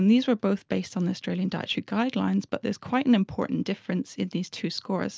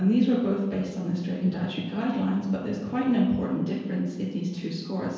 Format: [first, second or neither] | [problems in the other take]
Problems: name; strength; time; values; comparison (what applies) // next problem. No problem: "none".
first | room echo; dies away in 1.2 s